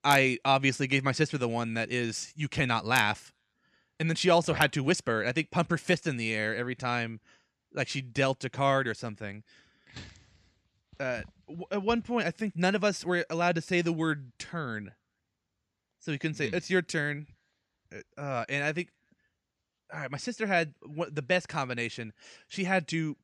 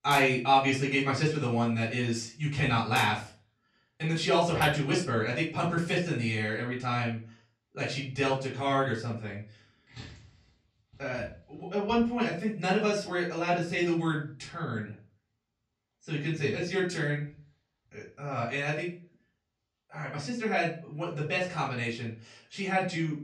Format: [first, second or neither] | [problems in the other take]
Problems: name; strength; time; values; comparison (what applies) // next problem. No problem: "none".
first | off-mic speech; far // room echo; slight; dies away in 0.3 s